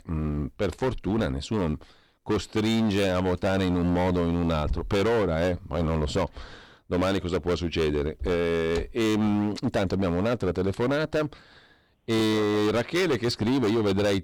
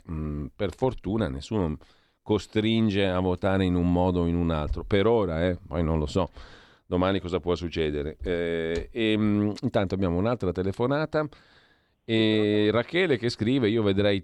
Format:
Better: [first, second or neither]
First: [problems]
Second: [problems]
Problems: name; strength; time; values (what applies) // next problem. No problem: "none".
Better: second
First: distortion; heavy; 19% of the sound clipped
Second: none